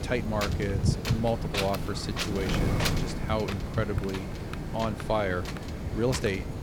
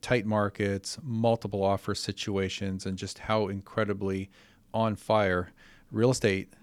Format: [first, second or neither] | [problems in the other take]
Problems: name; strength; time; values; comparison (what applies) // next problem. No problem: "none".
second | wind noise on the microphone; heavy; 3 dB below the speech